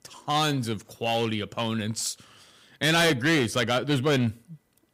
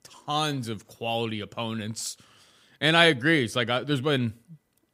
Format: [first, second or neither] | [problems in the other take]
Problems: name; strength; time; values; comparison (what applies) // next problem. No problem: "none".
second | distortion; heavy; 7% of the sound clipped